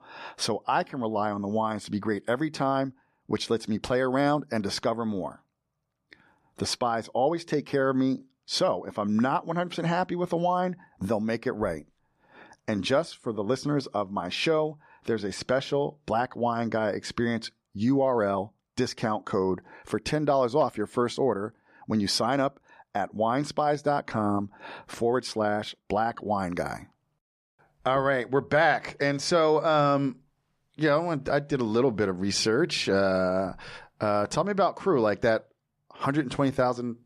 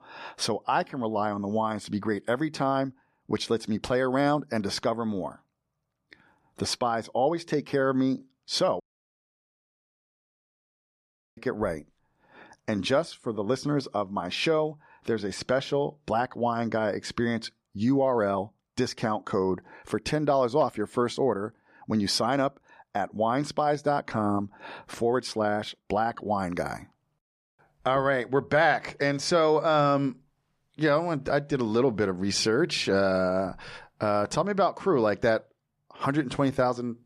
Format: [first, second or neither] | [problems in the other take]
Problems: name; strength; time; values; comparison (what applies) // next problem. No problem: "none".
first | audio cutting out; at 9 s for 2.5 s